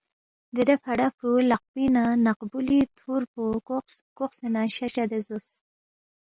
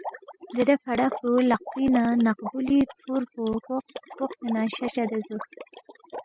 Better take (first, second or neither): first